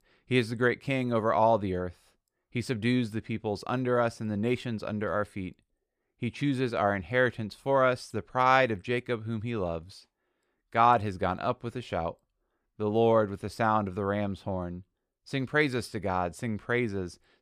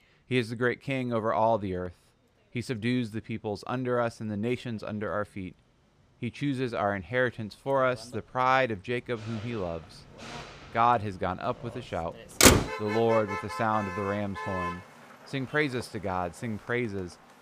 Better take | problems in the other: first | traffic noise; very loud; throughout; 3 dB above the speech

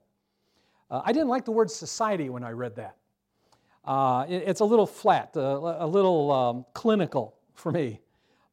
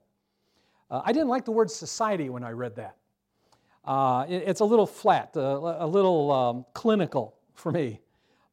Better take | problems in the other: neither | none

